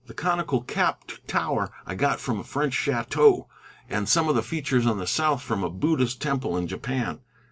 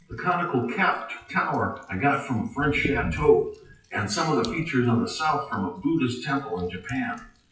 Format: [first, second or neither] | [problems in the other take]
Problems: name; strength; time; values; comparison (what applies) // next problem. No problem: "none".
first | noise reduction (classical method WPE with log-MMSE)